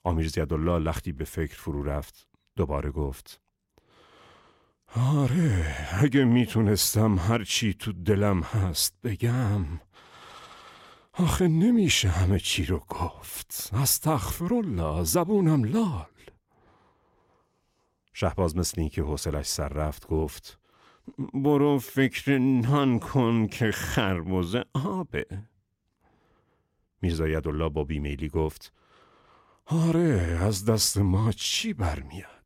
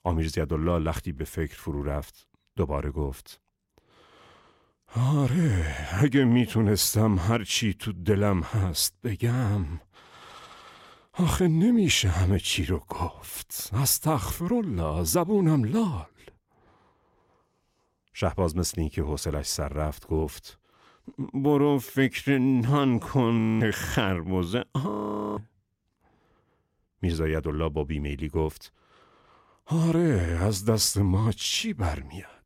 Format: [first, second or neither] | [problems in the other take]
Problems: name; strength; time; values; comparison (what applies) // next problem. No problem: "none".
first | audio freezing; at 23 s and at 25 s